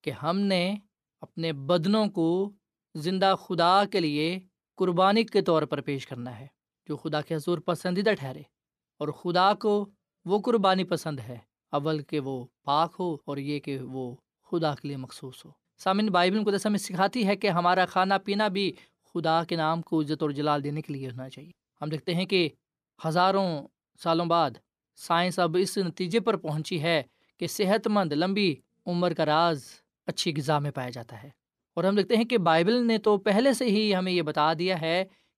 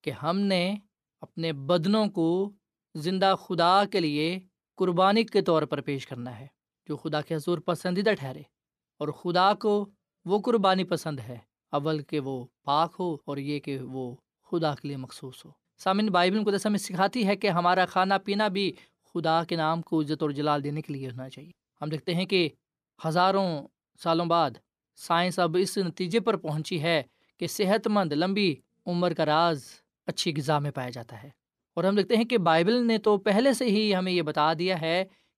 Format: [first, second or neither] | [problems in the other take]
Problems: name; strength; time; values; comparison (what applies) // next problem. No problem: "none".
neither | none